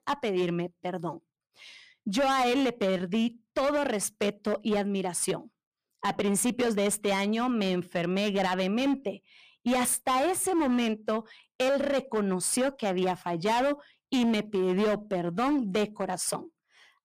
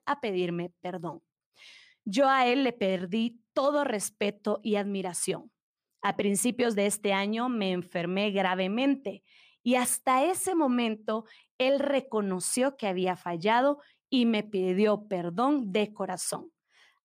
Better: second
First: distortion; slight; 13% of the sound clipped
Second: none

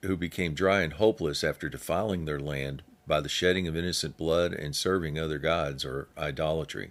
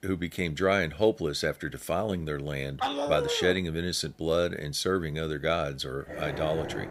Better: first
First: none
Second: dog barking; noticeable; at 3 s and at 6 s; peak level with the speech

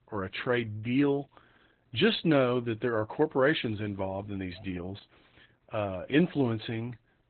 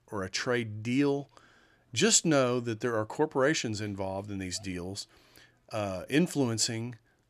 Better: second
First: garbled, watery; badly; nothing above 4 kHz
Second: none

